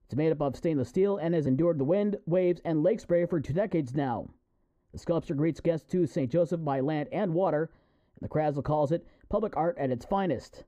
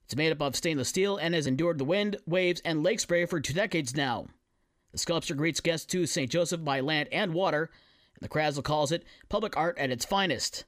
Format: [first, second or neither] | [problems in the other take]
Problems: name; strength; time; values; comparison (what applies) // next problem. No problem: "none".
second | muffled; very; fading above 1.5 kHz